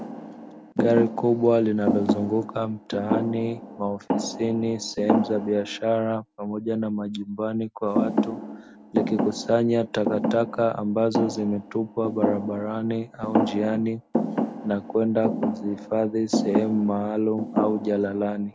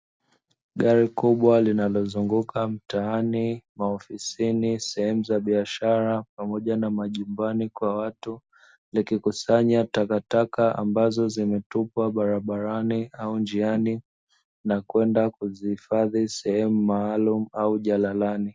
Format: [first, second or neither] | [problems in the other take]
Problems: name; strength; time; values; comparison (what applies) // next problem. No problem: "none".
second | background sound (Thump, thud); 4 dB below the speech